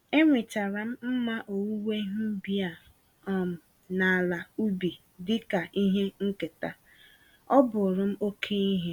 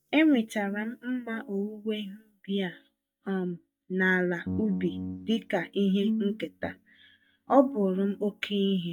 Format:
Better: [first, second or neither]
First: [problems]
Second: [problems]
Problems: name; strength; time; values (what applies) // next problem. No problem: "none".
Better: first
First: none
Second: noise reduction (neural mask model DeepFilterNet 3)